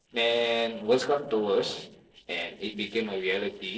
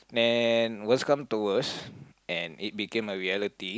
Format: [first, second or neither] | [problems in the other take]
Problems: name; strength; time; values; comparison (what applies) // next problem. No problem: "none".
second | noise reduction (neural separator model SepFormer DNS4)